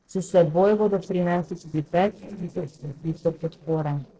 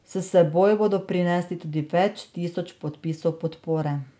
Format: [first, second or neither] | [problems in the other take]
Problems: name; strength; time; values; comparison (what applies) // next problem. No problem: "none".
second | noise reduction (neural separator model SepFormer DNS4)